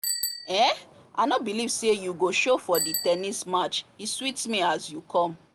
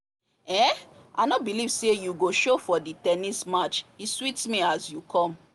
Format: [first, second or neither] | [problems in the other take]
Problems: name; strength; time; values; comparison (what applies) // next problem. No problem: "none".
second | background sound (Bicycle bell); 11 dB below the speech